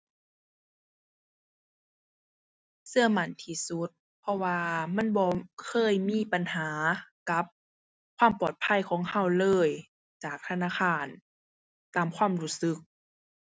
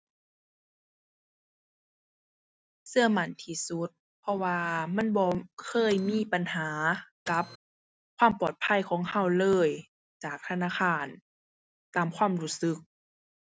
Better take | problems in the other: first | background sound (Printer); 14 dB below the speech

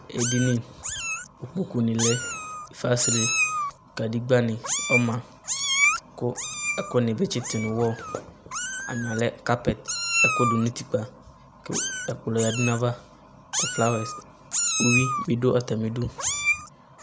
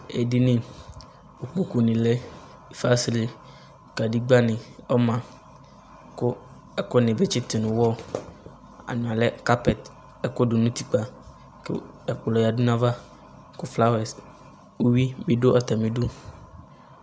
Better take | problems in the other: second | background sound (Meow); 2 dB below the speech

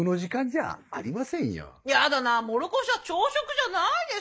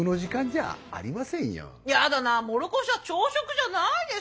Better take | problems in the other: second | noise reduction (neural mask model Resemble Enhance denoiser)

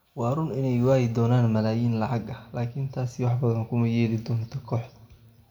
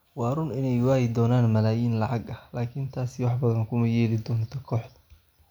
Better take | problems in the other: second | room echo; dies away in 0.7 s

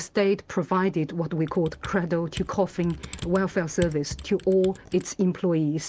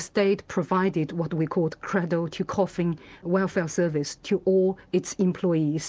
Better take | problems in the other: second | background sound (Computer keyboard); 15 dB below the speech

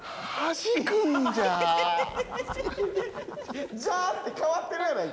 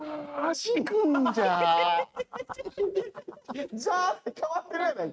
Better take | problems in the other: first | noise reduction (neural mask model RNNoise)

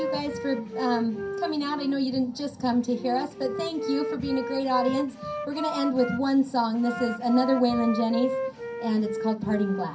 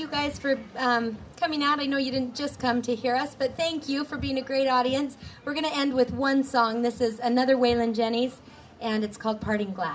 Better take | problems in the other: second | background sound (Wind instrument, woodwind instrument); 7 dB below the speech // room echo; dies away in 0.3 s

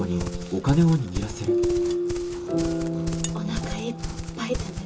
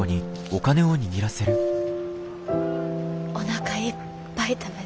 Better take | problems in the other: second | background sound (Livestock, farm animals, working animals); 9 dB below the speech // room echo; dies away in 0.2 s

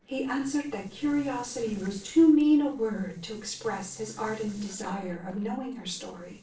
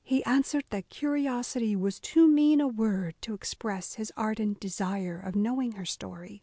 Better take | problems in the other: second | noise reduction (neural separator model SepFormer DNS4)

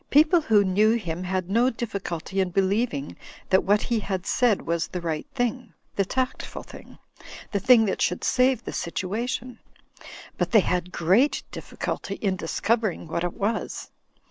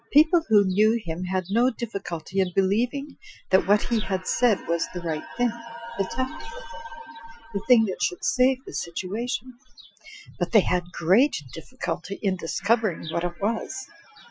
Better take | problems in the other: first | noise reduction (classical method Wiener filter)

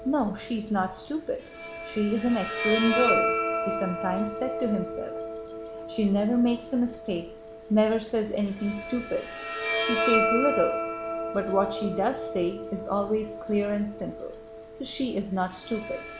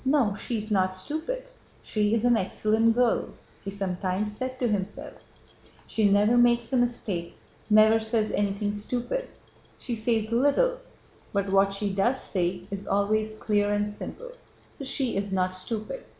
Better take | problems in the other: second | background sound (Bowed string instrument); 4 dB below the speech

